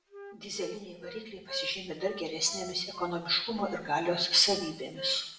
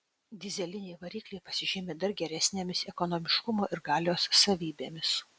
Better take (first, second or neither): second